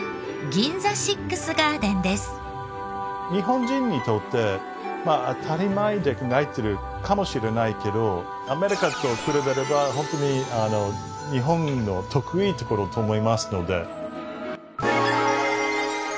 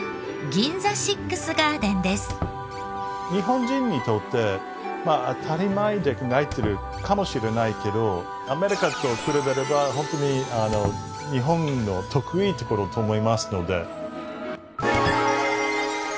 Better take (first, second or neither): first